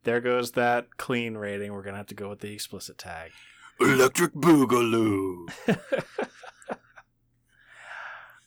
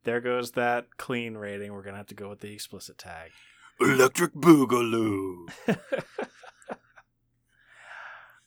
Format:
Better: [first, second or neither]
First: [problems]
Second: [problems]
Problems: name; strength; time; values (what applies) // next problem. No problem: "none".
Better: second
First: distortion; slight; 10 dB below the speech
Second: none